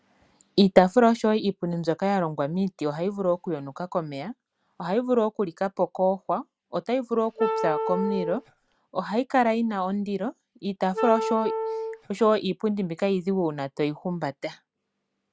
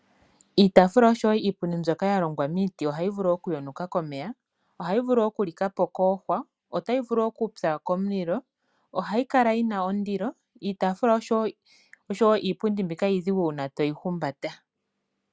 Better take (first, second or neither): second